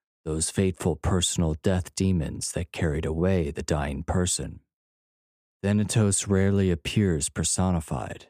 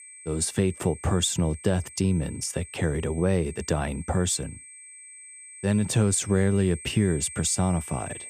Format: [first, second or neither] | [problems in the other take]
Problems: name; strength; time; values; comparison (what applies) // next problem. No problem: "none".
first | high-pitched whine; noticeable; throughout; 8.5 kHz, 15 dB below the speech